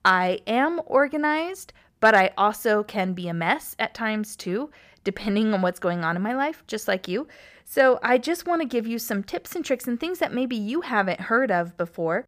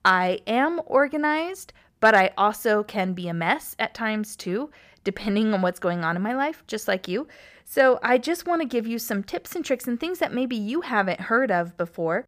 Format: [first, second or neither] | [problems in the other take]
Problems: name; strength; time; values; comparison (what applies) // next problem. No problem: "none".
neither | none